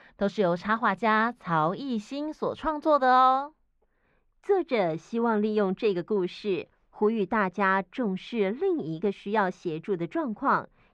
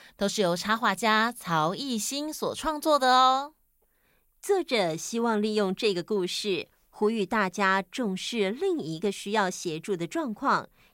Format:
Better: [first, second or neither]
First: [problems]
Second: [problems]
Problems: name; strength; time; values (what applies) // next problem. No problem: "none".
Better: second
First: muffled; very; fading above 2 kHz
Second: none